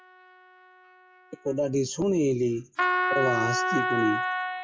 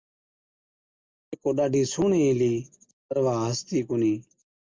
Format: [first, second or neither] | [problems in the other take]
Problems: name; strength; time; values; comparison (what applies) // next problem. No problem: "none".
second | noise reduction (classical method log-MMSE)